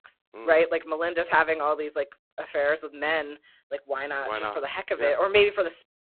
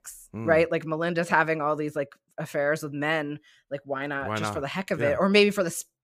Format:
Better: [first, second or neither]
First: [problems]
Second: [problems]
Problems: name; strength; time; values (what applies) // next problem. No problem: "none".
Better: second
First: phone-call audio; poor line; nothing above 4 kHz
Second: none